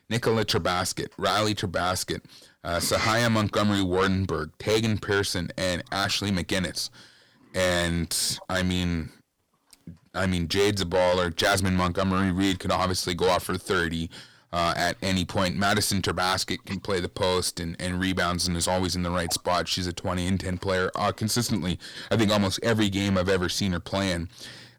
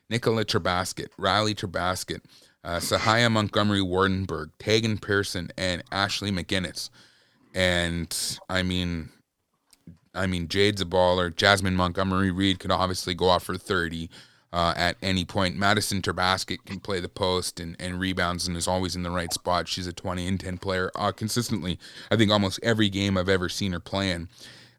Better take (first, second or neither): second